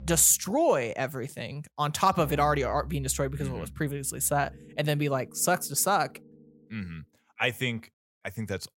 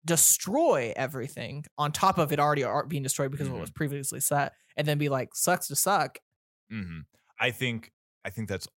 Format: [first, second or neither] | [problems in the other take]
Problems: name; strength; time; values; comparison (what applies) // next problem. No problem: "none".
second | background music; noticeable; until 6.5 s; 20 dB below the speech